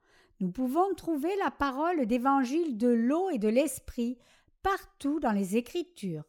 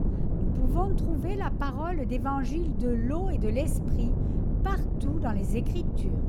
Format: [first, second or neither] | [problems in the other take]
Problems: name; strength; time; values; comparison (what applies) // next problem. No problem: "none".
first | wind noise on the microphone; heavy; 6 dB below the speech